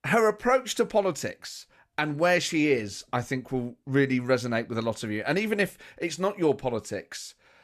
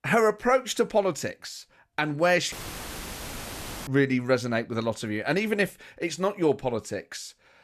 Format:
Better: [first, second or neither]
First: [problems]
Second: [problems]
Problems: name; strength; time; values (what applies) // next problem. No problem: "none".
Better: first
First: none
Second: audio cutting out; filled with static; at 2.5 s for 1.5 s